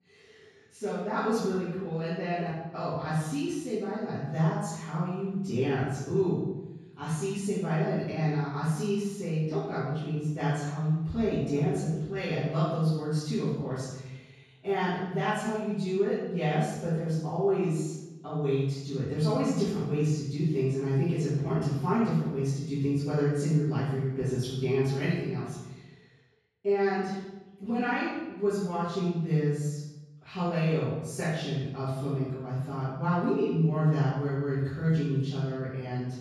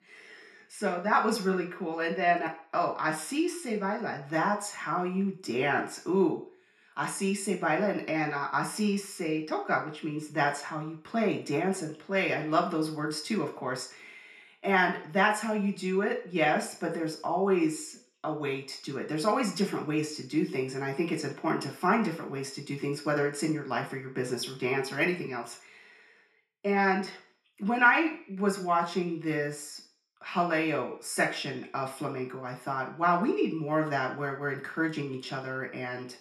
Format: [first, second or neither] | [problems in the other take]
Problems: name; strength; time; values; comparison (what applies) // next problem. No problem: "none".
second | room echo; strong; dies away in 1.3 s; slight in the second // off-mic speech; far; far in the second